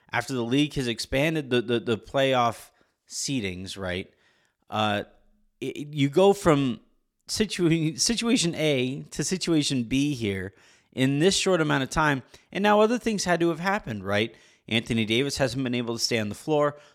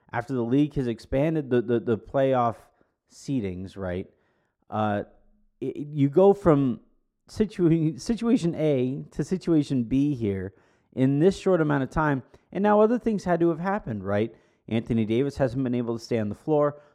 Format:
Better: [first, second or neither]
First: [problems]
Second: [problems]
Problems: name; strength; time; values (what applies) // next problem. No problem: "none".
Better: first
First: none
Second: muffled; very; fading above 1 kHz